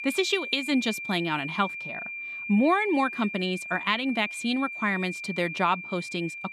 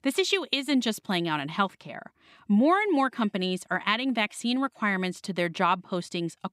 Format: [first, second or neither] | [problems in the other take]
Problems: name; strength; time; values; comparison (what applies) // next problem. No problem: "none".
second | high-pitched whine; loud; throughout; 2.5 kHz, 7 dB below the speech